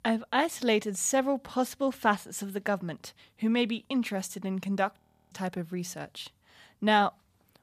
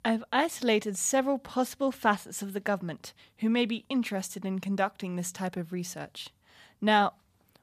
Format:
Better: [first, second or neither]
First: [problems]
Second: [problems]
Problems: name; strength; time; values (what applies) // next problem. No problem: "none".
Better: second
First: audio freezing; at 5 s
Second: none